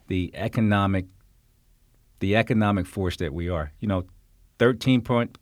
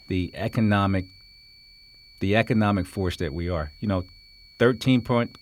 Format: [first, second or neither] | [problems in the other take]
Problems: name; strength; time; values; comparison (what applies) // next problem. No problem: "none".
first | high-pitched whine; faint; throughout; 4.5 kHz, 25 dB below the speech